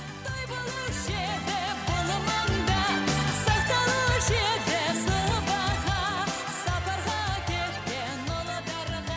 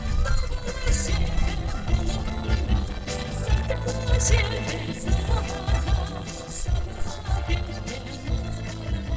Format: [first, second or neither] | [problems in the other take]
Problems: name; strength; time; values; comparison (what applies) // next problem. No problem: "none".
first | noise reduction (neural separator model SepFormer DNS4)